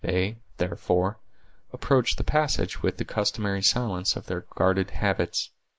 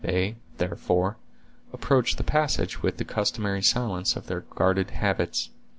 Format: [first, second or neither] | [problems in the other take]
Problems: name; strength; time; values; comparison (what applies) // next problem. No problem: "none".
second | noise reduction (neural mask model Resemble Enhance denoiser)